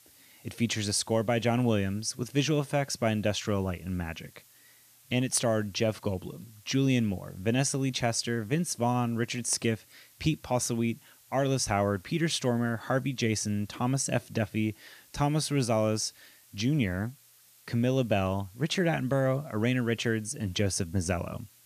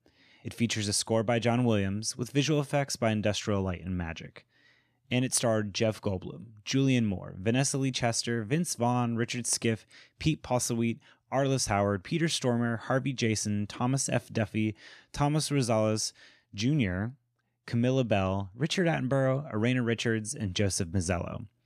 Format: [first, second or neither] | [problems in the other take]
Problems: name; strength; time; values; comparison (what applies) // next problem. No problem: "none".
second | hiss; faint; throughout; 25 dB below the speech